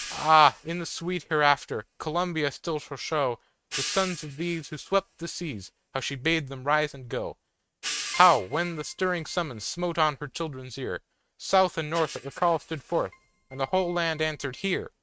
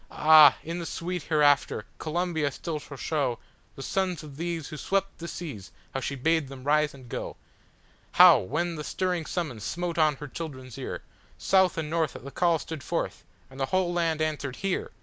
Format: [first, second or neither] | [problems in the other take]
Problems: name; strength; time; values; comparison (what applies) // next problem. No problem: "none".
second | noise reduction (neural mask model RNNoise)